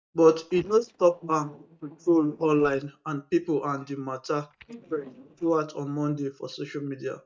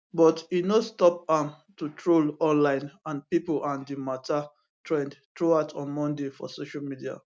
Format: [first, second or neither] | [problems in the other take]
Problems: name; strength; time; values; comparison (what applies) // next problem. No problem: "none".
second | noise reduction (neural mask model DeepFilterNet 3)